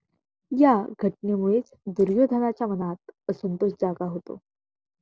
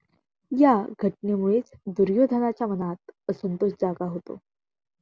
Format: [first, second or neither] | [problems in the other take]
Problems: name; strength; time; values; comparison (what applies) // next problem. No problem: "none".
second | noise reduction (neural separator model SepFormer DNS4)